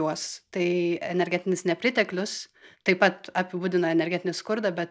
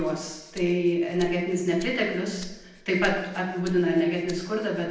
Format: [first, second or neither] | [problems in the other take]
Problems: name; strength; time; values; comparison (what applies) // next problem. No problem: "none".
first | background sound (Rattle (instrument)); 17 dB below the speech // room echo; dies away in 0.9 s